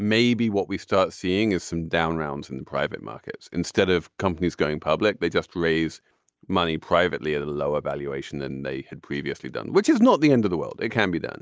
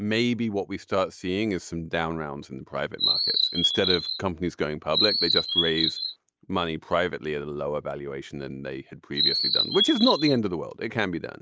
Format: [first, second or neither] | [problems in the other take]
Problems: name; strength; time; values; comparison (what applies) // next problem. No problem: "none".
first | background sound (Chirp, tweet); 3 dB above the speech